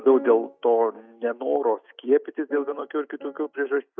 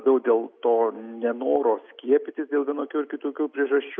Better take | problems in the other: second | noise reduction (neural mask model DeepFilterNet 3)

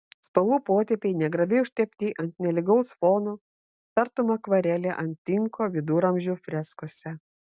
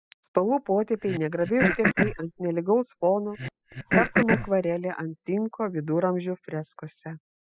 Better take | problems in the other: first | noise reduction (classical method spectral subtraction)

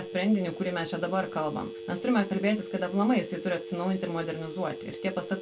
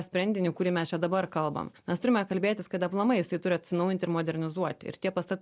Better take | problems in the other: second | background sound (Telephone); 11 dB below the speech // room echo; dies away in 0.2 s

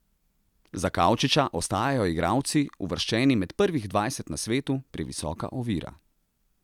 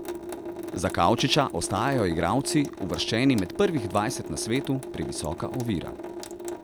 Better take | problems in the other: first | background sound (Drip / Sink (filling or washing) / Water tap, faucet); 9 dB below the speech

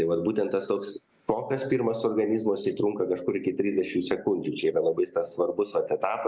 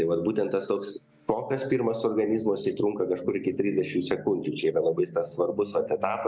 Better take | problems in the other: first | background sound (Guitar); 19 dB below the speech

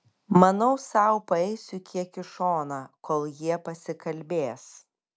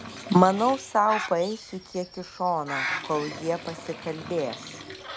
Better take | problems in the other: first | background sound (Bathtub (filling or washing) / Liquid + Bird); 11 dB below the speech

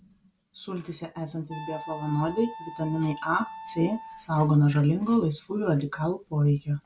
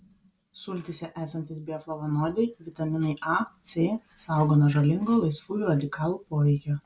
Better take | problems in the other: second | background sound (Wind instrument, woodwind instrument); 15 dB below the speech

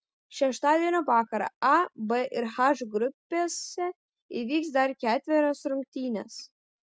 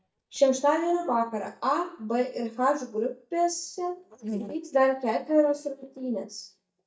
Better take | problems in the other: first | noise reduction (neural mask model DeepFilterNet 3)

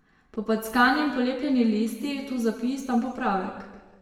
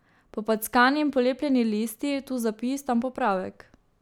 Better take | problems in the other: second | room echo; dies away in 1.3 s

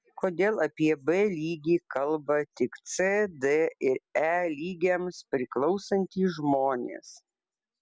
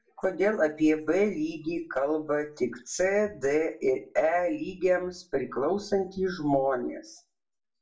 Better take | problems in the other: first | room echo; dies away in 0.2 s

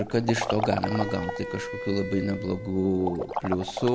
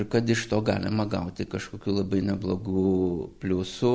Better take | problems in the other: second | background sound (Wind instrument, woodwind instrument + Liquid); 6 dB below the speech

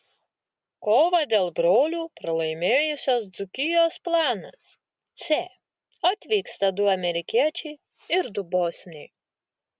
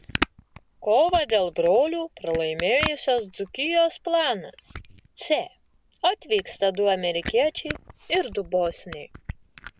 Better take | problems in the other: first | background sound (Camera); 13 dB below the speech

